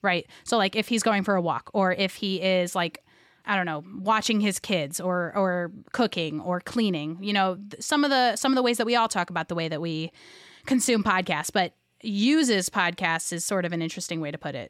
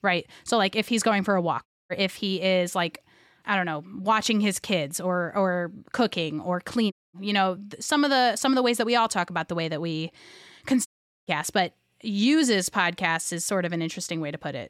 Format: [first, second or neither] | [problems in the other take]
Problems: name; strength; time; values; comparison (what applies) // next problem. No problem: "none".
first | audio cutting out; at 1.5 s, at 7 s and at 11 s